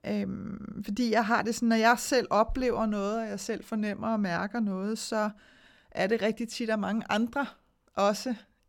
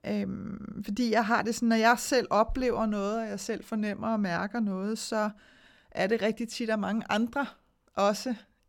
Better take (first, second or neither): neither